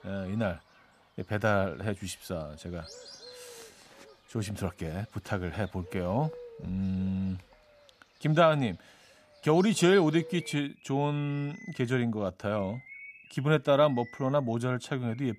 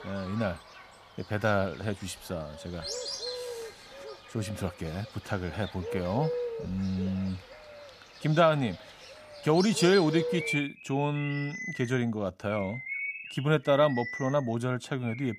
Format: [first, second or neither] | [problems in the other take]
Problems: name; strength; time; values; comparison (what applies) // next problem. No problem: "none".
first | animal sounds; loud; throughout; 9 dB below the speech; faint in the first